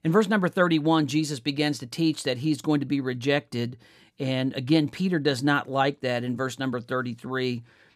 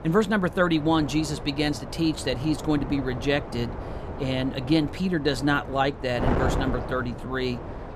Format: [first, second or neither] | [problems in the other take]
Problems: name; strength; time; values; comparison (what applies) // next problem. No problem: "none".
first | wind noise on the microphone; heavy; 9 dB below the speech